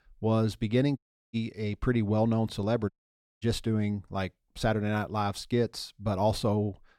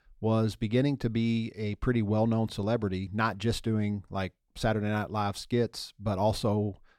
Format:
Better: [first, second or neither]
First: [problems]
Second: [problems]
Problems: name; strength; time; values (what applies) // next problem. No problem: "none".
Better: second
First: audio cutting out; at 1 s and at 3 s for 0.5 s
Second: none